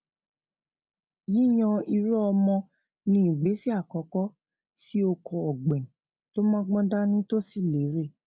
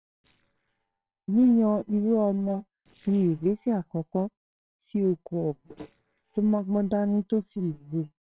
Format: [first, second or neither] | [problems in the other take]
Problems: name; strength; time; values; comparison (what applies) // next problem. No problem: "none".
first | noise reduction (neural separator model SepFormer WHAMR!)